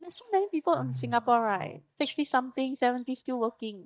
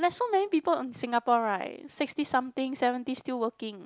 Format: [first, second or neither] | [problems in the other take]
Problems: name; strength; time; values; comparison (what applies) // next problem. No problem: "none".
second | noise reduction (neural mask model DeepFilterNet 3)